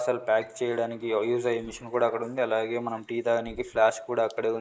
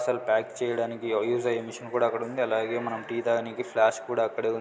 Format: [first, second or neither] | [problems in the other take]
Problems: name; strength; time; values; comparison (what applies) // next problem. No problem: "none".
second | noise reduction (neural mask model Resemble Enhance denoiser)